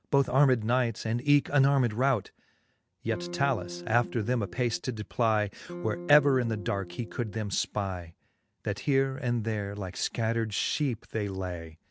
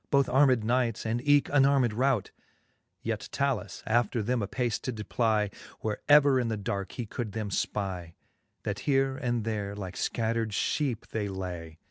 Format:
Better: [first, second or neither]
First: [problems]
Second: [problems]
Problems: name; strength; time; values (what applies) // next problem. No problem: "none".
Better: second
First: background sound (Electric guitar / Strum); 12 dB below the speech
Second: none